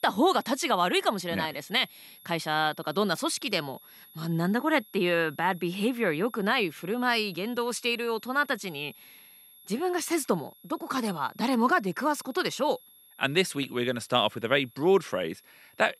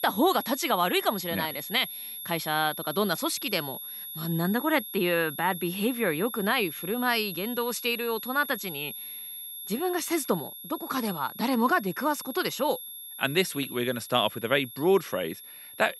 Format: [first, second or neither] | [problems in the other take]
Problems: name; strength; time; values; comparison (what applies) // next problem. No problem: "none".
first | high-pitched whine; loud; throughout; 11.5 kHz, 9 dB below the speech; faint in the first